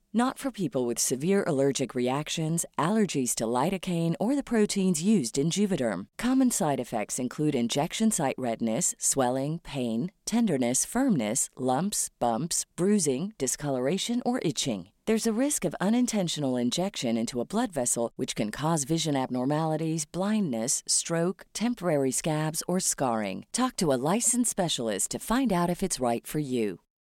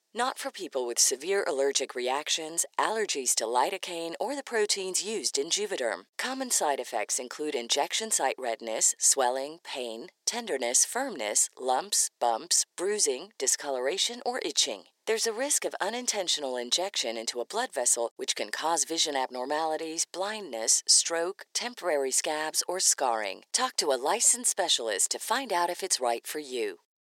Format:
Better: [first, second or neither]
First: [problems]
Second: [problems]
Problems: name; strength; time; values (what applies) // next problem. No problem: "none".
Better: first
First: none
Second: thin; very; fading below 400 Hz